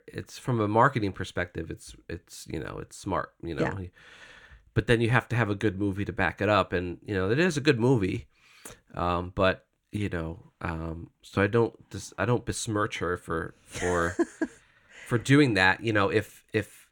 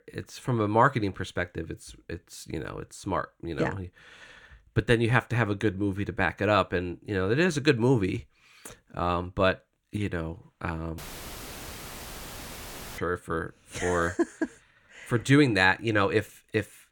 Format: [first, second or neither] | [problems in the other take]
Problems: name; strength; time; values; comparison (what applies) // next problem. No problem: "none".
first | audio cutting out; filled with static; at 11 s for 2 s